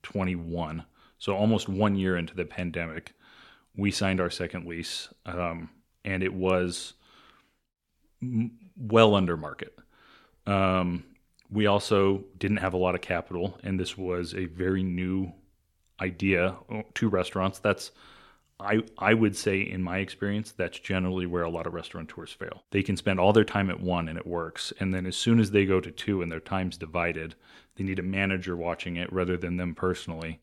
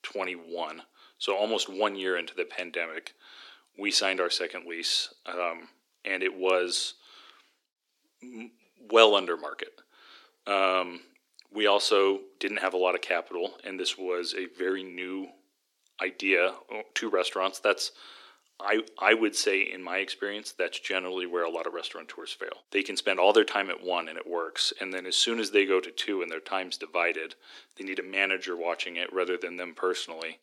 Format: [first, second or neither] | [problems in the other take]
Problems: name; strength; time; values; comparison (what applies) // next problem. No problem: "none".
first | thin; somewhat; fading below 300 Hz